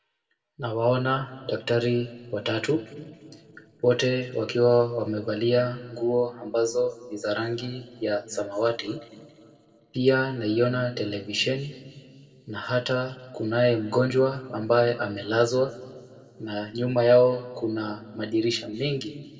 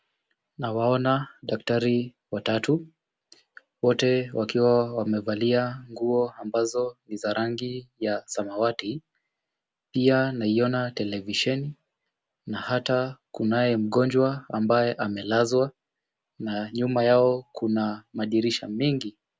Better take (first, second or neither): second